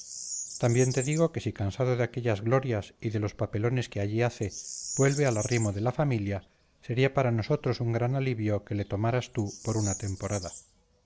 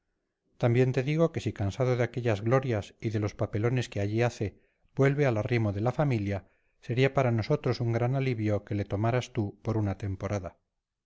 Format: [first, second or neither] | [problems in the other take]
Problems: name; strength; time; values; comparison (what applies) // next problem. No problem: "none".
second | background sound (Bird vocalization, bird call, bird song); 15 dB below the speech